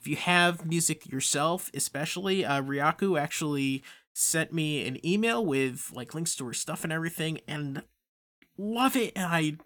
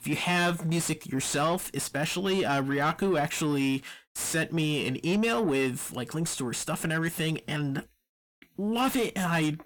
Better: first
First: none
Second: distortion; heavy; 8 dB below the speech

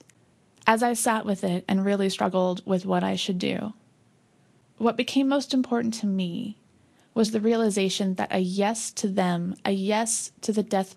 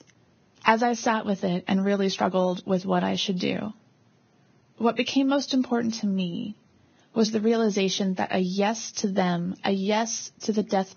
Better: first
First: garbled, watery; slightly; nothing above 10.5 kHz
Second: garbled, watery; badly; nothing above 6.5 kHz

